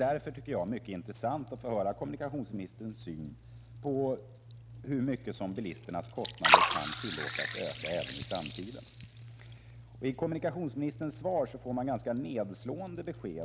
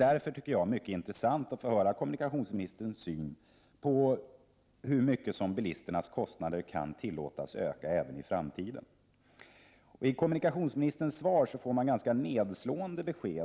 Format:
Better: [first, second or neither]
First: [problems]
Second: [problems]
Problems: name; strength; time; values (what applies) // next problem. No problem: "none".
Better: second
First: background sound (Liquid); 1 dB below the speech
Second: none